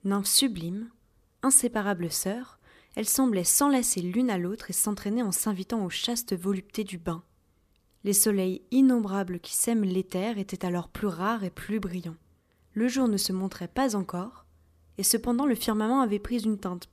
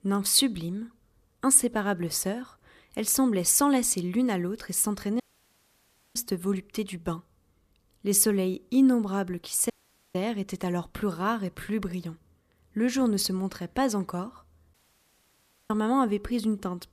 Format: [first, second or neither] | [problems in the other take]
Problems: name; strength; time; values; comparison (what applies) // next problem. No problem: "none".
first | audio cutting out; at 5 s for 1 s, at 9.5 s and at 15 s for 1 s